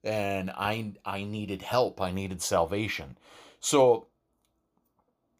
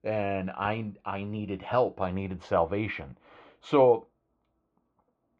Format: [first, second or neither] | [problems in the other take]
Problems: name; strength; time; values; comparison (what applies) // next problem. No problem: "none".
first | muffled; very; fading above 2.5 kHz